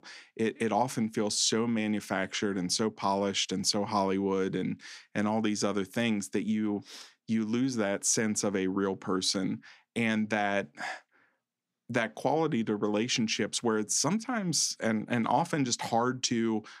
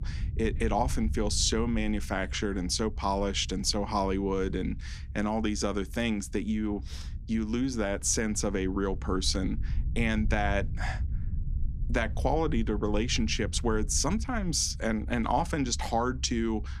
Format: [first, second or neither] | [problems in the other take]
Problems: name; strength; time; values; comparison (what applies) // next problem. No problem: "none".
first | low rumble; faint; throughout; 25 dB below the speech